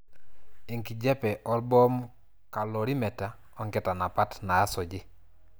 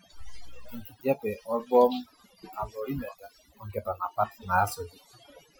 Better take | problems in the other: first | noise reduction (classical method Wiener filter)

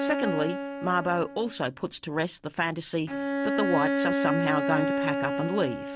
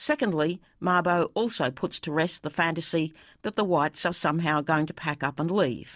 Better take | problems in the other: second | background sound (Bowed string instrument); as loud as the speech

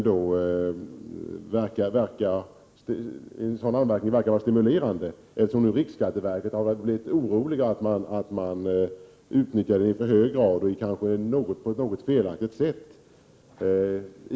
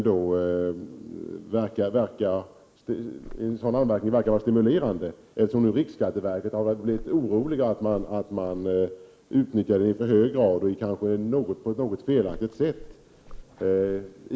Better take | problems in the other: first | noise reduction (neural mask model Resemble Enhance denoiser)

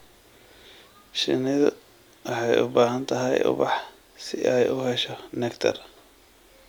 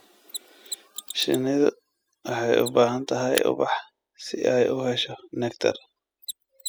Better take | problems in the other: first | noise reduction (classical method spectral subtraction)

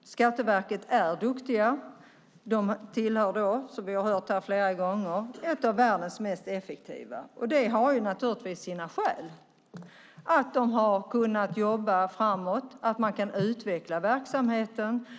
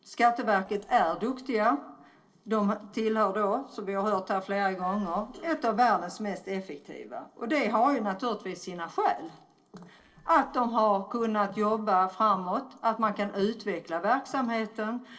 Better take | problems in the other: first | noise reduction (neural separator model SepFormer DNS4)

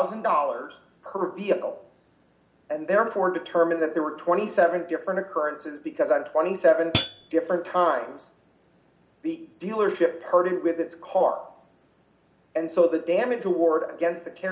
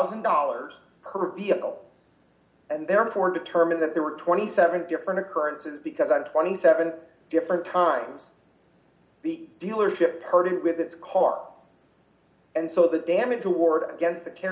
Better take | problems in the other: second | background sound (Hi-hat); 2 dB below the speech

